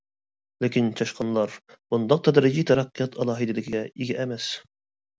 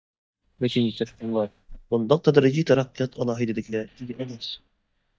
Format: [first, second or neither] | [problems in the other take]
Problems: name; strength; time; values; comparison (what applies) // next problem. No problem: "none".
first | noise reduction (neural mask model DeepFilterNet 3)